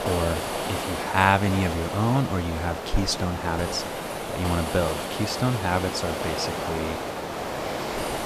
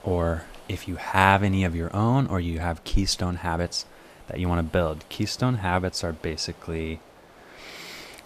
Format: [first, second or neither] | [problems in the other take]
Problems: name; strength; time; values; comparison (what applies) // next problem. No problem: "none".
second | hiss; loud; throughout; 4 dB below the speech; faint in the second